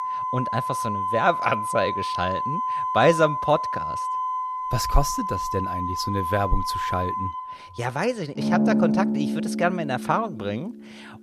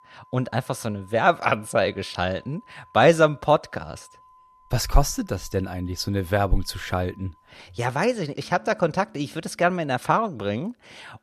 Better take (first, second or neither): second